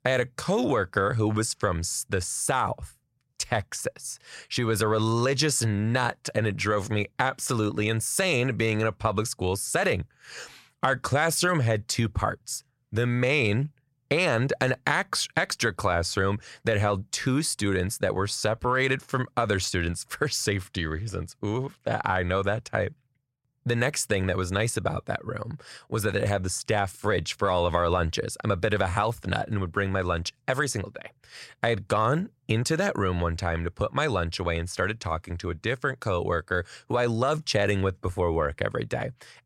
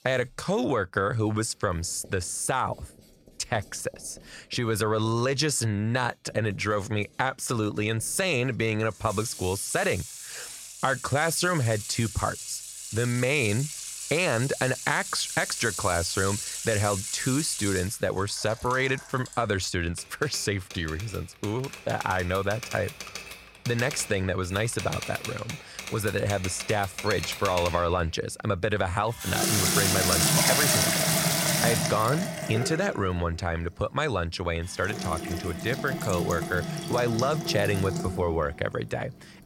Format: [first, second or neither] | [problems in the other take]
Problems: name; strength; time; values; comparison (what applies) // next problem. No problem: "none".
first | household noises; loud; throughout; 2 dB below the speech